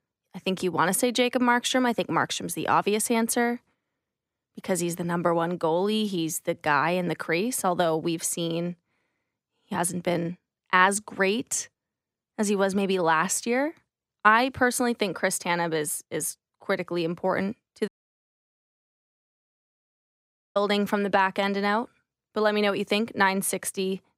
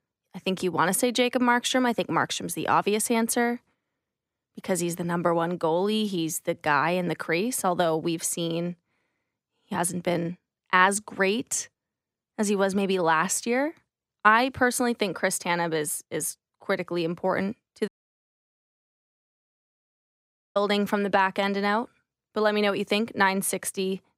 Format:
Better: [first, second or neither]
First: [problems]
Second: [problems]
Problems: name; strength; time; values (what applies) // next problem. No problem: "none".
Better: neither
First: audio cutting out; at 18 s for 2.5 s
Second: audio cutting out; at 18 s for 2.5 s